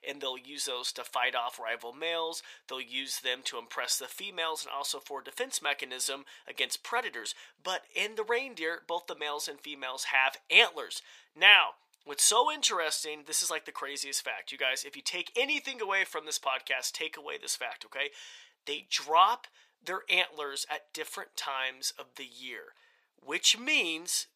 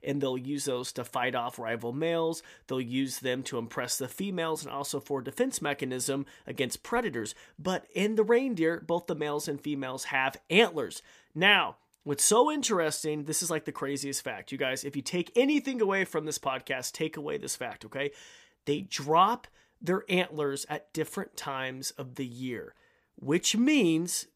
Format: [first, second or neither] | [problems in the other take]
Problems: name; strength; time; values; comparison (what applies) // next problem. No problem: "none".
second | thin; very; fading below 800 Hz